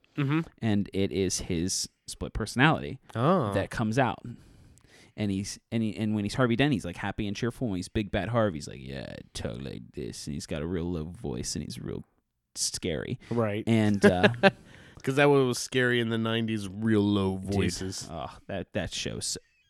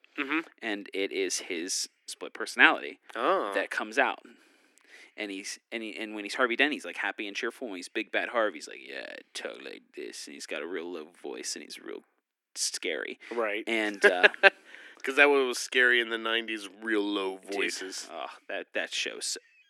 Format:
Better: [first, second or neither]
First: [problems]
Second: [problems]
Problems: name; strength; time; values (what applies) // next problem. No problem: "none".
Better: first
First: none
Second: thin; very; fading below 300 Hz